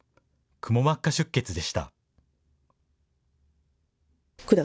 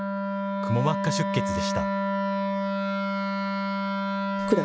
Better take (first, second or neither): first